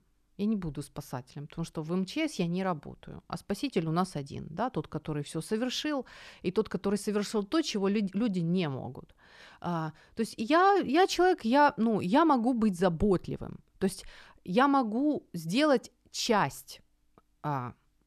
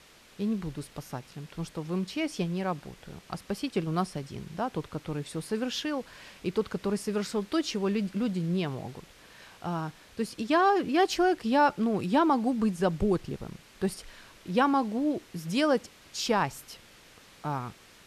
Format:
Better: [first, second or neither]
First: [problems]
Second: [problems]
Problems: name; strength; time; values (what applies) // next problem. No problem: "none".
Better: first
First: none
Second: hiss; faint; throughout; 25 dB below the speech